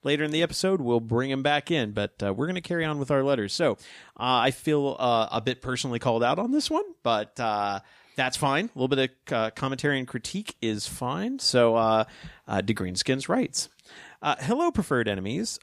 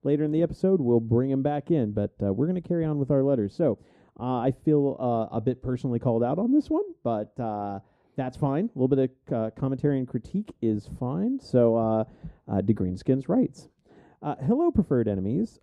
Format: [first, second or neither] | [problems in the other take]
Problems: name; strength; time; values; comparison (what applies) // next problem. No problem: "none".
first | muffled; very; fading above 1 kHz